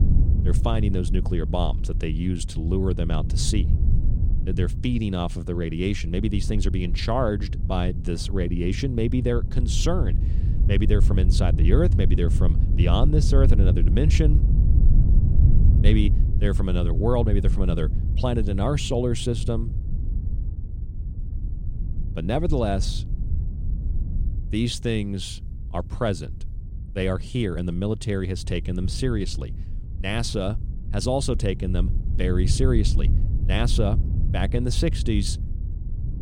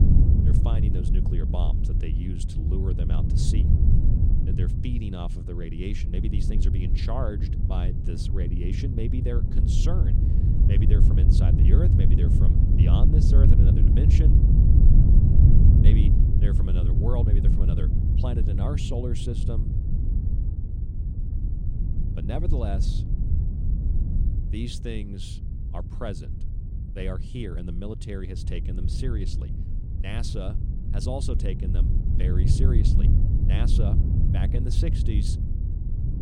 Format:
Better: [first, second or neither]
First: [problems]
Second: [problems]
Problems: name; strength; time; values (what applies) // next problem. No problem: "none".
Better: first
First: wind noise on the microphone; occasional gusts; 10 dB below the speech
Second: wind noise on the microphone; heavy; 1 dB above the speech